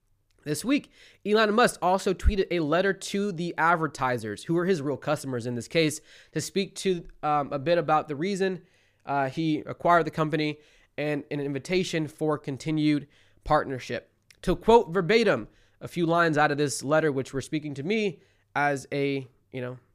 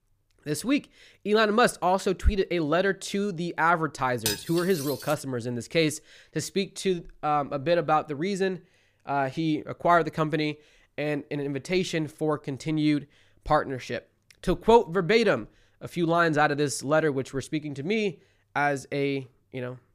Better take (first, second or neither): first